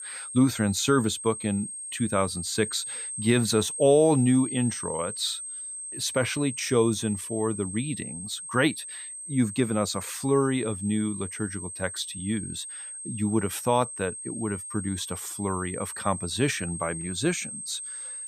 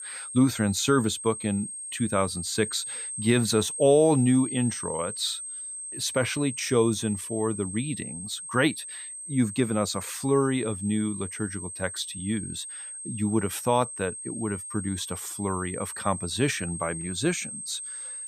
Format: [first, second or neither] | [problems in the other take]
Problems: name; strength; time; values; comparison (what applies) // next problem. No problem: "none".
neither | high-pitched whine; loud; throughout; 8.5 kHz, 7 dB below the speech; the same in both